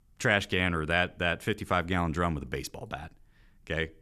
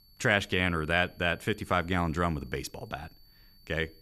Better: first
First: none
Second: high-pitched whine; faint; throughout; 4.5 kHz, 30 dB below the speech

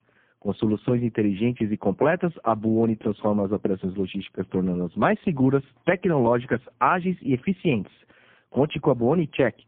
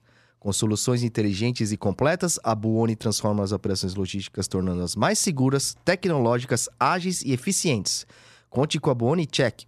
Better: second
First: phone-call audio; poor line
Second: none

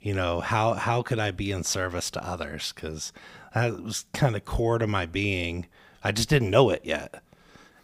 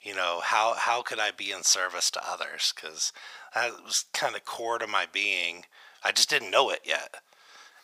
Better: first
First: none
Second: thin; very; fading below 850 Hz

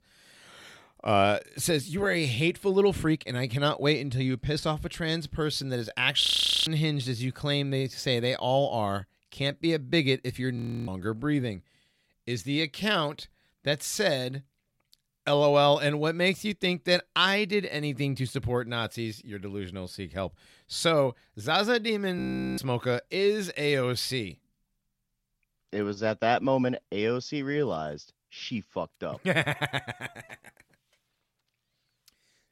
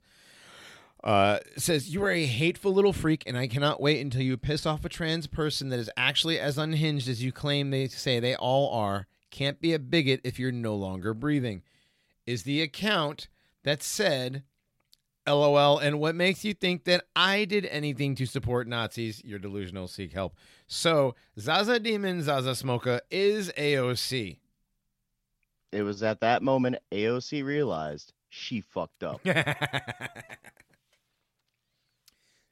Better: second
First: audio freezing; at 6 s, at 11 s and at 22 s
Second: none

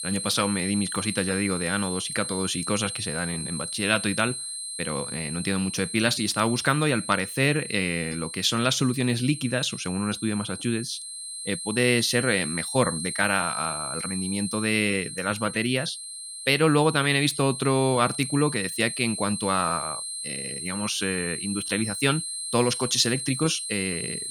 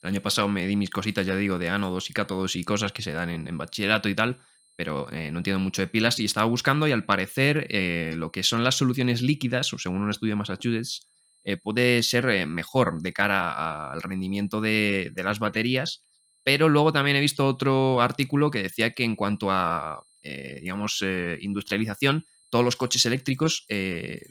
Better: second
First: high-pitched whine; loud; throughout; 8.5 kHz, 6 dB below the speech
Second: high-pitched whine; faint; throughout; 8.5 kHz, 35 dB below the speech

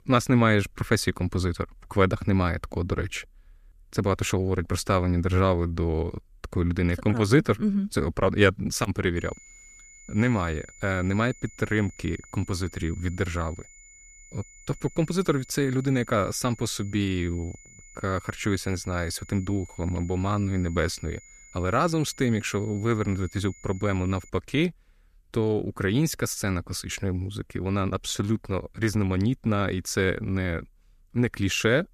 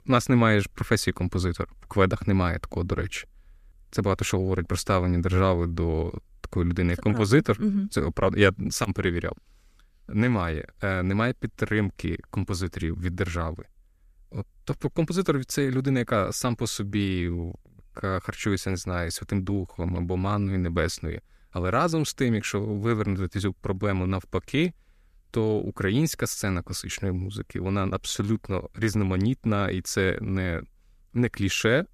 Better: second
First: high-pitched whine; faint; from 9 to 24 s; 7 kHz, 20 dB below the speech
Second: none

